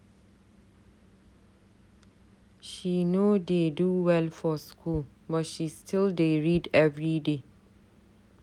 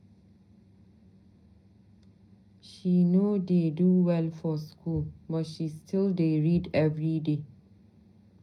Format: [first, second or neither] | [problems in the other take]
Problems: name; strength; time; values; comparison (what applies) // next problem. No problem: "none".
first | room echo; dies away in 0.4 s